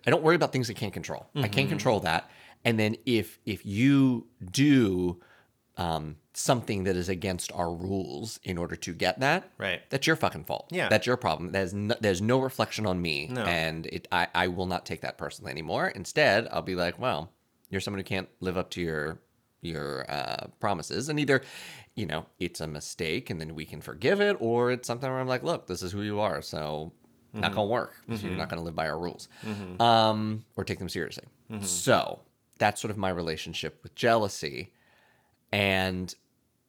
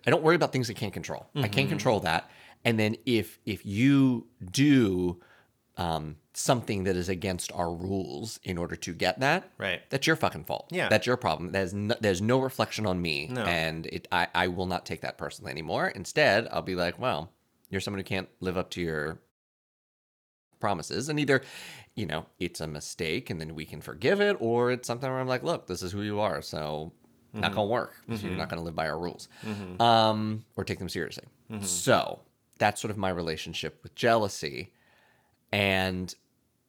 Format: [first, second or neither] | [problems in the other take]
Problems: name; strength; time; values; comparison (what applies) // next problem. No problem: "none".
first | audio cutting out; at 19 s for 1 s